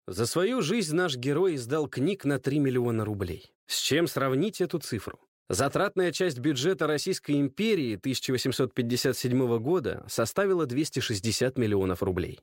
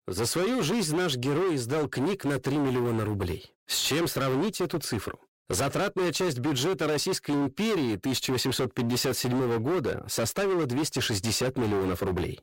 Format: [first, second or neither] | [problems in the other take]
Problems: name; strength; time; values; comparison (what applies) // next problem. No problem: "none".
first | distortion; heavy; 30% of the sound clipped